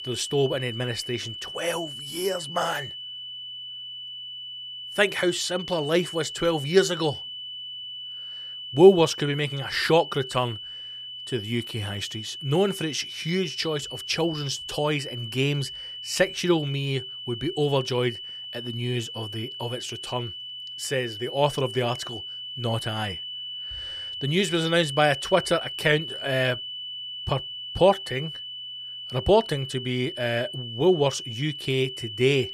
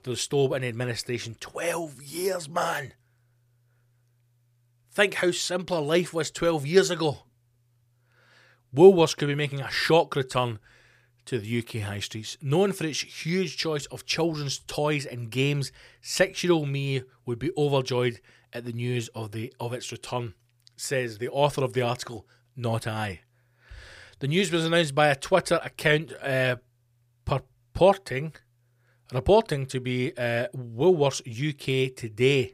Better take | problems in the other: second | high-pitched whine; loud; throughout; 3 kHz, 8 dB below the speech

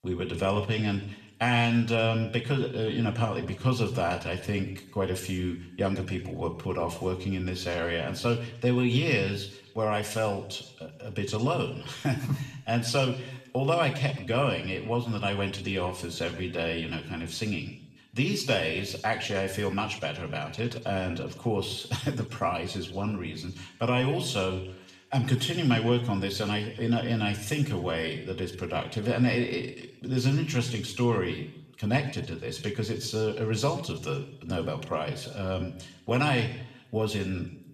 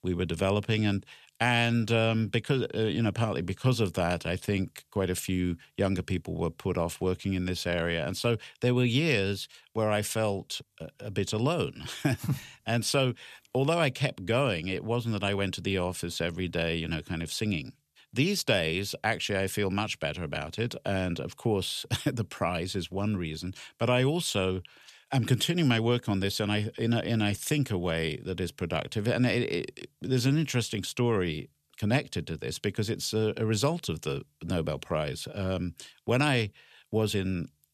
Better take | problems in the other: second | room echo; slight; dies away in 0.7 s // off-mic speech; somewhat distant

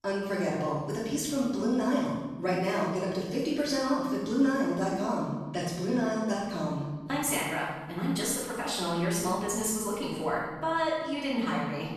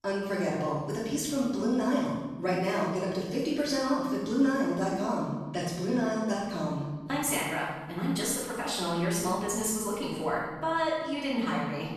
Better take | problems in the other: neither | room echo; strong; dies away in 1.2 s; the same in both // off-mic speech; far; the same in both

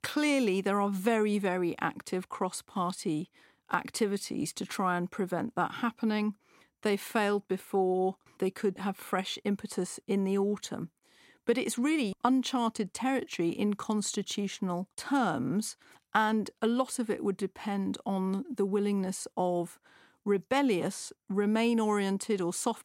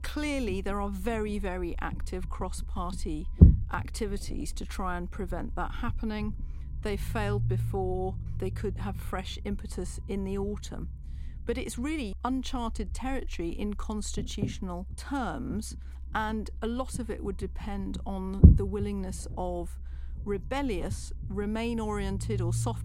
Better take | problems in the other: first | low rumble; loud; throughout; 5 dB below the speech

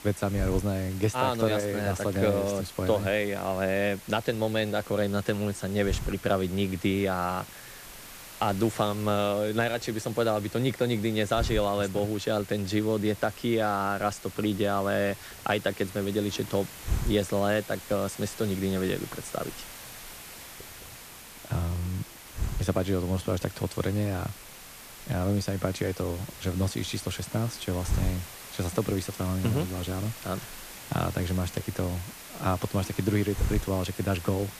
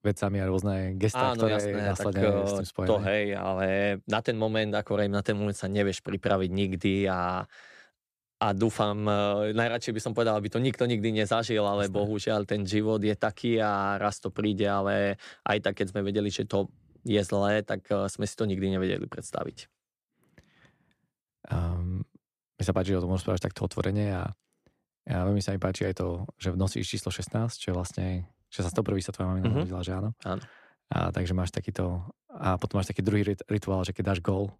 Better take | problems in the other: second | hiss; noticeable; throughout; 10 dB below the speech

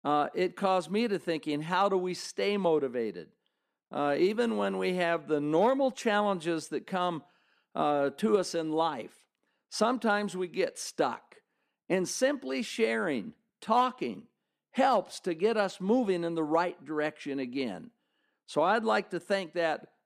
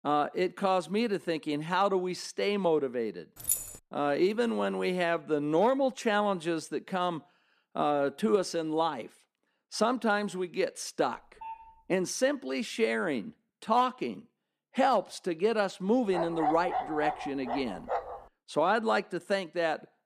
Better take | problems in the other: first | jangling keys; noticeable; at 3.5 s; peak level with the speech // phone ringing; faint; at 11 s; peak 15 dB below the speech // dog barking; noticeable; from 16 to 18 s; peak 2 dB below the speech

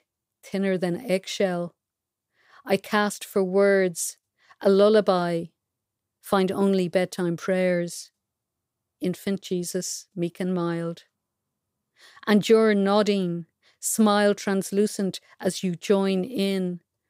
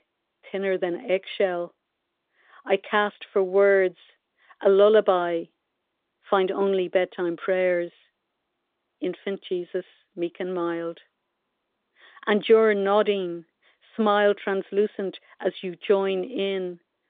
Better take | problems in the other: first | phone-call audio

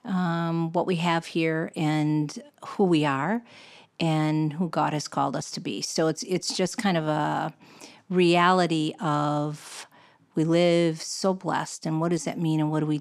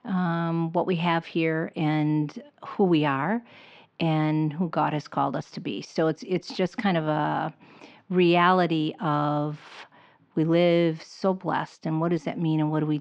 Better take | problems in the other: first | muffled; slightly; fading above 3.5 kHz

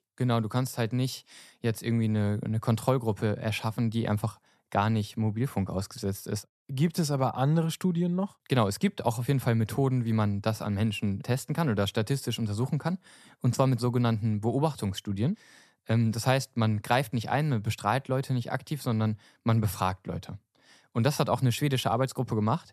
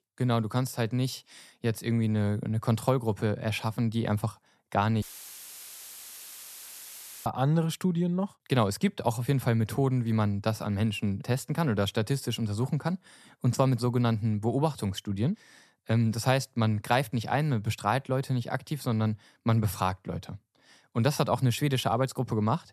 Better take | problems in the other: first | audio cutting out; filled with static; at 5 s for 2 s

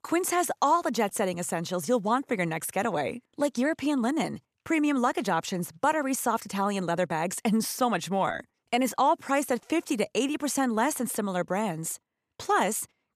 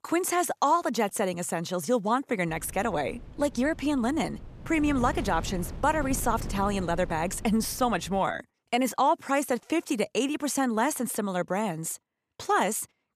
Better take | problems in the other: first | wind noise on the microphone; occasional gusts; from 2.5 to 8 s; 20 dB below the speech

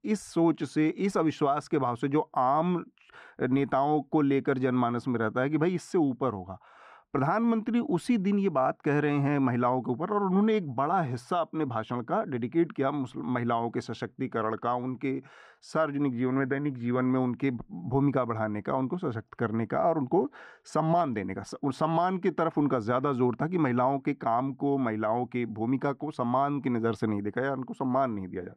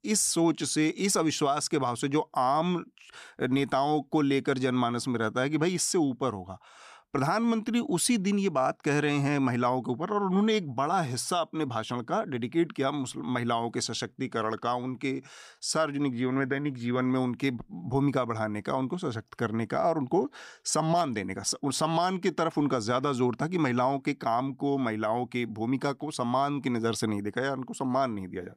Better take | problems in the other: second | muffled; very; fading above 3.5 kHz

